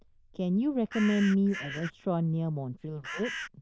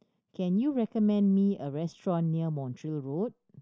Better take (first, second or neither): second